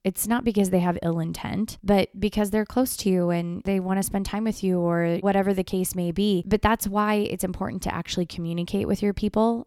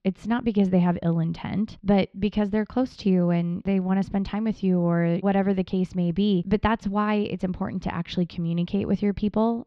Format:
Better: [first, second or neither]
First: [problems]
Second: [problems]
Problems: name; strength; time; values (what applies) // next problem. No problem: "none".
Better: first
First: none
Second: muffled; slightly; fading above 4 kHz